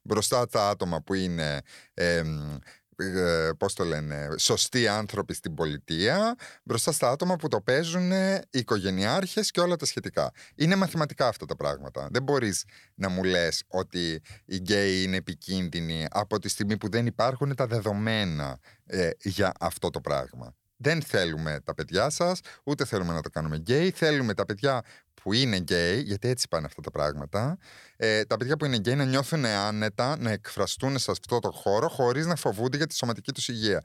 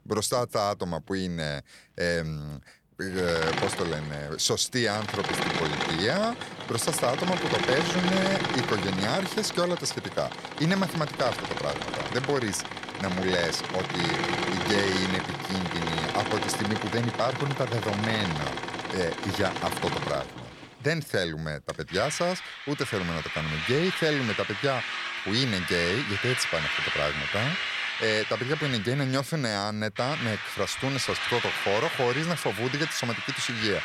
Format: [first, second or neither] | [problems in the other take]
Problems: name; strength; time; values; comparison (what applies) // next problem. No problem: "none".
first | machinery noise; loud; throughout; 2 dB below the speech